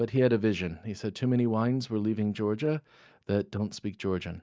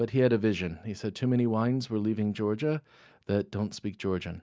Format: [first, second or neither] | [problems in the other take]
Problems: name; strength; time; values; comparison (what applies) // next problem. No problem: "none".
second | noise reduction (neural mask model DeepFilterNet 3)